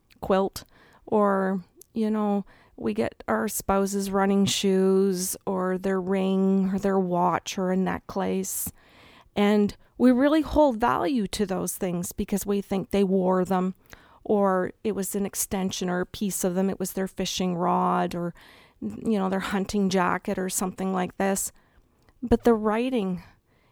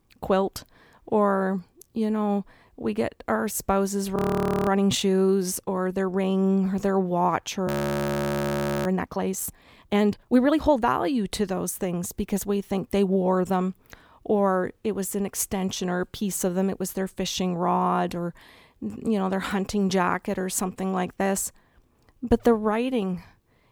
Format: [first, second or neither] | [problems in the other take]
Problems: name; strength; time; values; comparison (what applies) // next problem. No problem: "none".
first | audio freezing; at 4 s for 0.5 s and at 7.5 s for 1 s